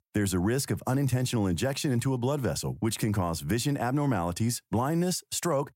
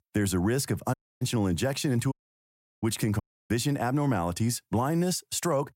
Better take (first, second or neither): first